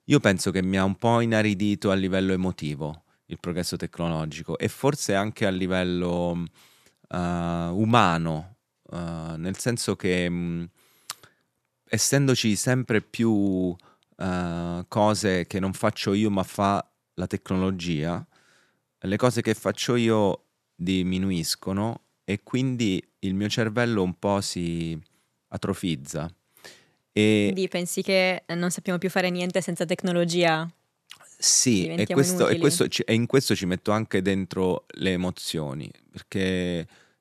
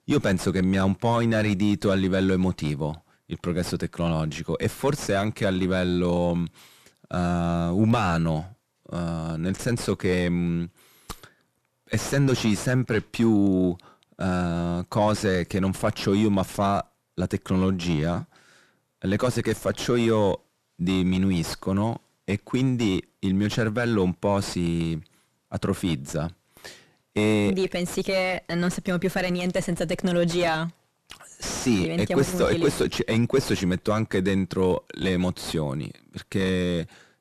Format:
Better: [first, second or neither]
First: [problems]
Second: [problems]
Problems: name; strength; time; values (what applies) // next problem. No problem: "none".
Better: first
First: none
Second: distortion; heavy; 6 dB below the speech